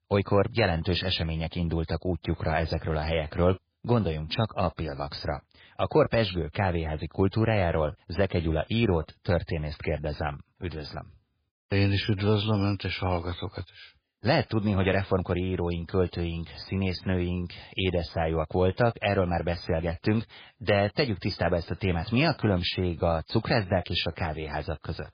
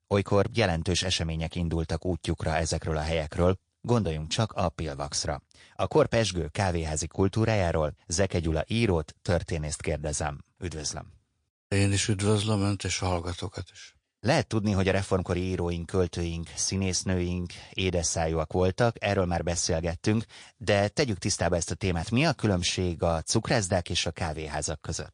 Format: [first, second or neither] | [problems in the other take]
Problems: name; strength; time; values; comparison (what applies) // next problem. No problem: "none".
second | garbled, watery; badly; nothing above 5 kHz; slightly in the second